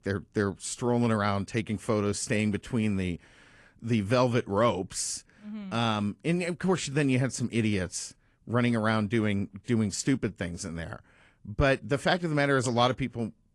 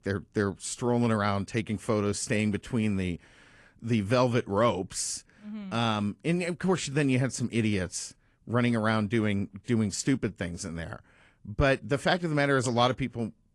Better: neither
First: garbled, watery; slightly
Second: garbled, watery; slightly

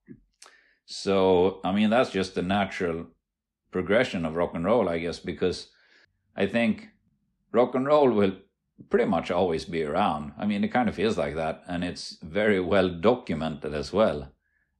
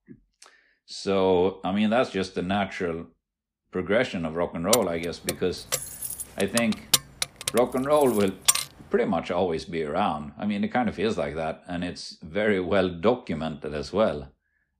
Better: first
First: none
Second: jangling keys; loud; from 4.5 to 8.5 s; peak 4 dB above the speech

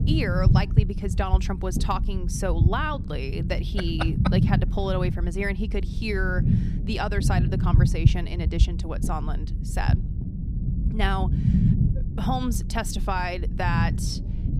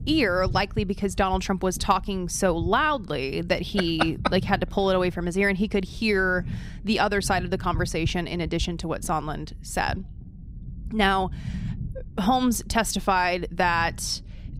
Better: second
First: low rumble; loud; throughout; 7 dB below the speech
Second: low rumble; faint; throughout; 25 dB below the speech

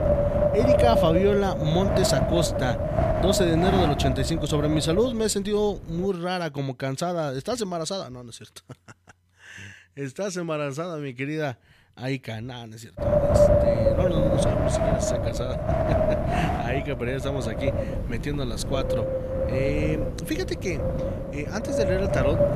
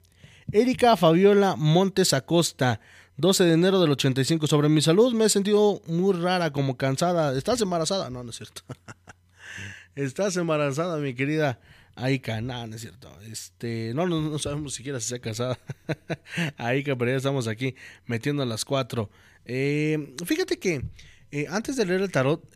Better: second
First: wind noise on the microphone; heavy; until 6 s and from 13 s on; 4 dB above the speech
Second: none

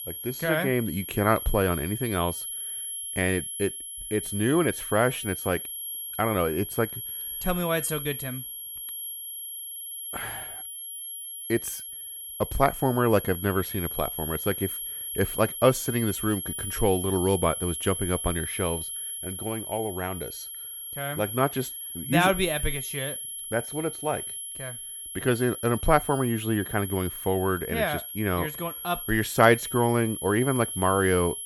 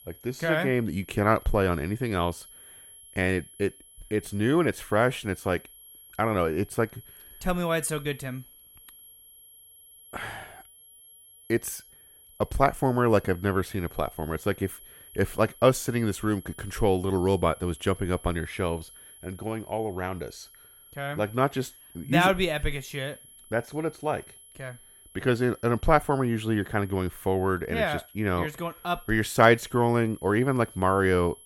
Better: second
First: high-pitched whine; loud; throughout; 11 kHz, 6 dB below the speech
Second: high-pitched whine; faint; throughout; 11 kHz, 20 dB below the speech

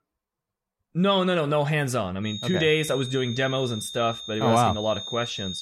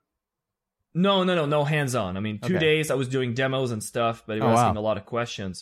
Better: second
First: high-pitched whine; loud; from 2.5 s on; 3.5 kHz, 9 dB below the speech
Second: none

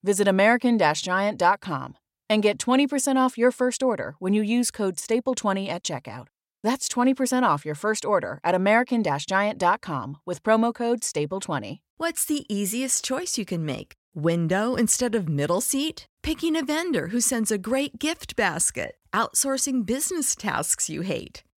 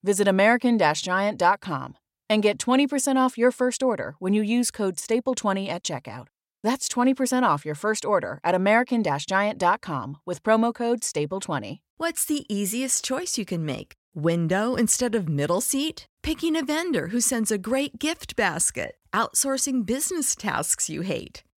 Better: neither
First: none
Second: none

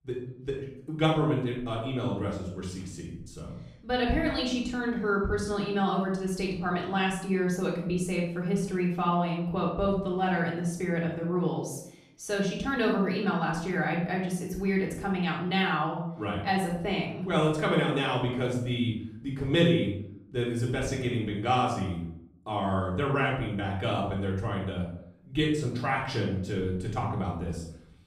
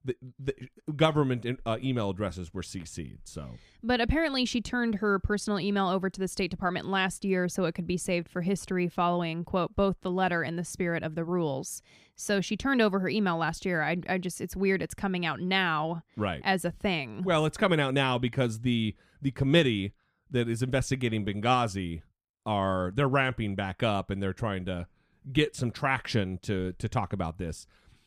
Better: second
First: off-mic speech; far // room echo; noticeable; dies away in 0.6 s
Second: none

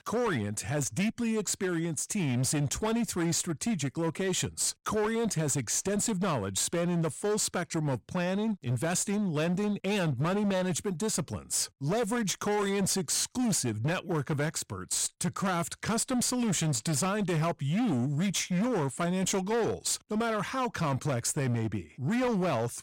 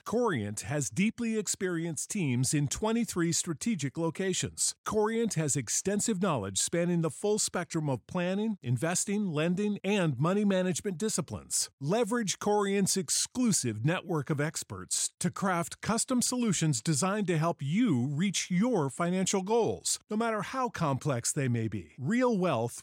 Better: second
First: distortion; slight; 21% of the sound clipped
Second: none

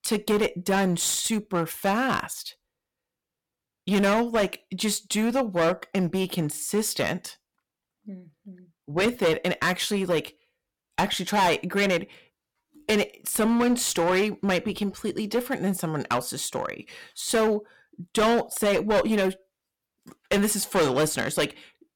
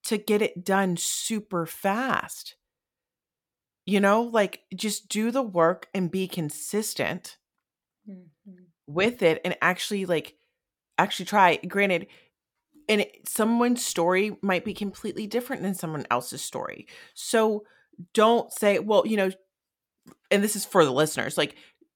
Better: second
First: distortion; heavy; 9% of the sound clipped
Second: none

